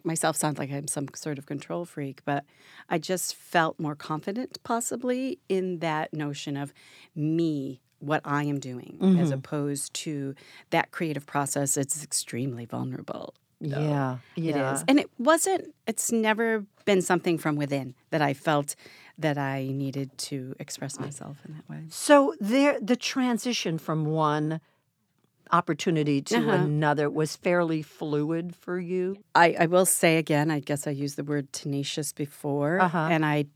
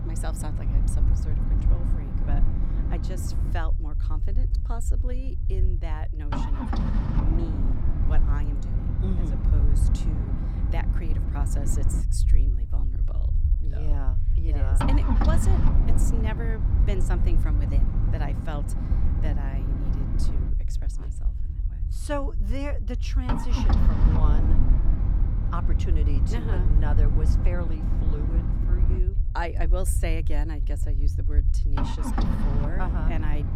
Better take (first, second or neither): first